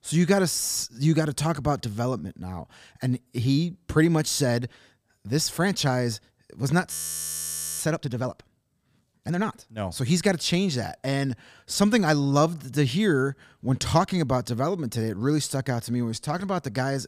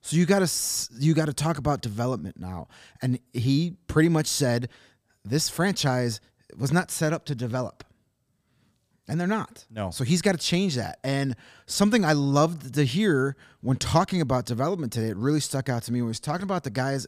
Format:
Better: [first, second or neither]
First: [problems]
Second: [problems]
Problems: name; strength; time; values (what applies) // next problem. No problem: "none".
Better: second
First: audio freezing; at 7 s for 1 s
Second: none